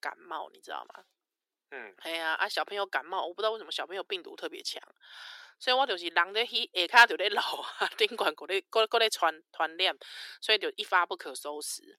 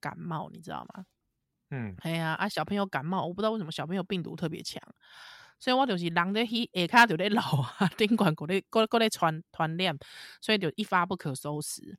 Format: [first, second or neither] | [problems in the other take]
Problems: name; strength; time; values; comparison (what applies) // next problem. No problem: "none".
second | thin; very; fading below 350 Hz